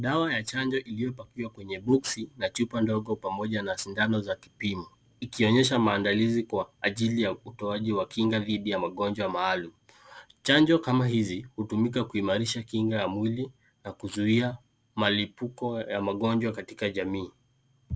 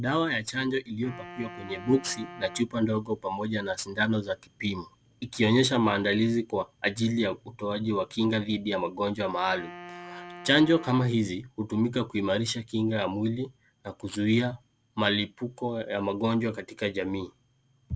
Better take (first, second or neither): first